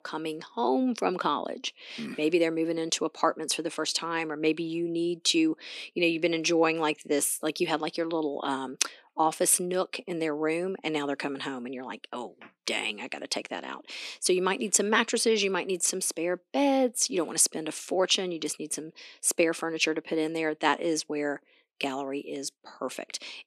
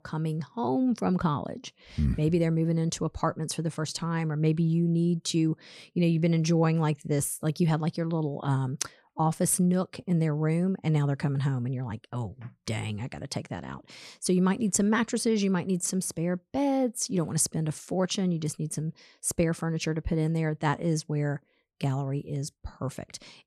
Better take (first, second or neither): second